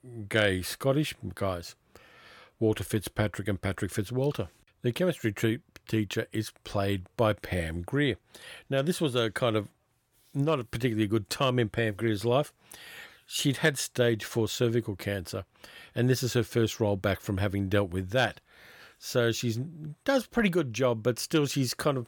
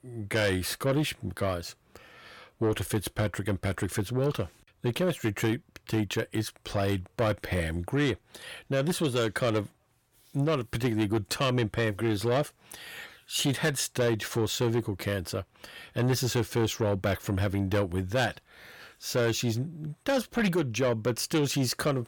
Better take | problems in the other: first | distortion; slight; 10 dB below the speech

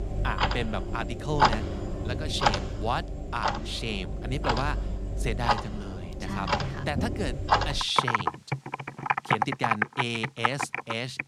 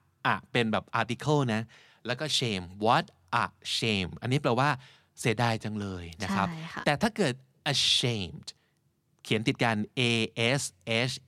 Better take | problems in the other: second | household noises; very loud; throughout; 3 dB above the speech

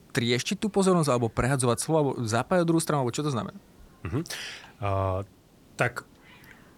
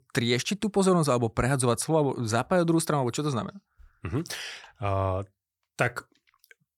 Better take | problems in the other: second | hiss; faint; throughout; 30 dB below the speech

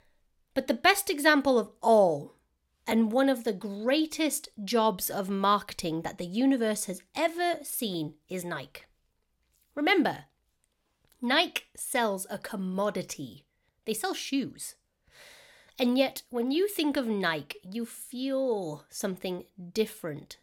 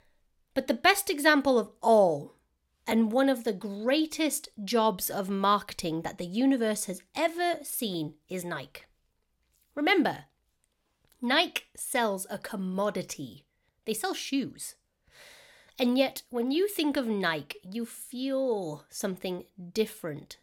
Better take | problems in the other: neither | none

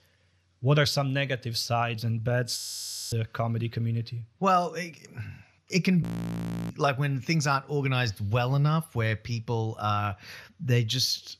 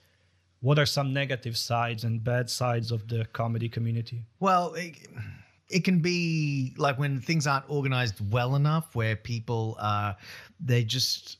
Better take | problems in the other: second | audio freezing; at 2.5 s for 0.5 s and at 6 s for 0.5 s

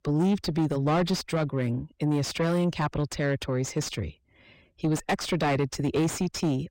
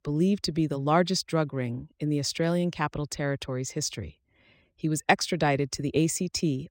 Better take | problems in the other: second | distortion; heavy; 7 dB below the speech

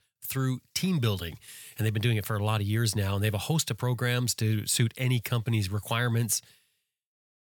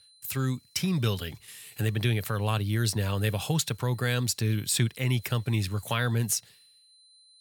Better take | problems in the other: first | high-pitched whine; faint; throughout; 4 kHz, 30 dB below the speech

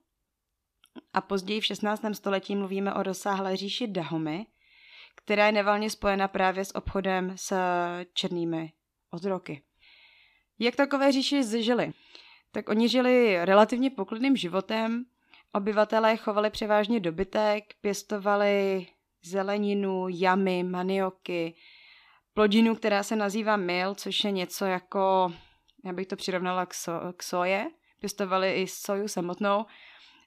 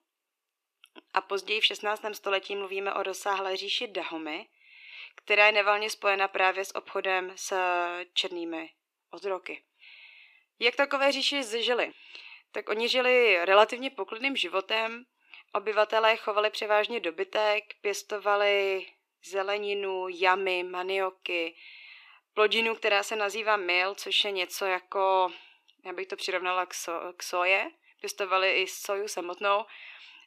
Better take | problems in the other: first | thin; very; fading below 400 Hz

